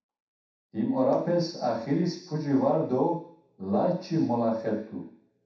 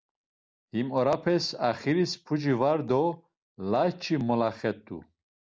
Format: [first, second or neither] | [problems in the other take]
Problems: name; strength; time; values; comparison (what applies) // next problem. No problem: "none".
second | room echo; dies away in 0.7 s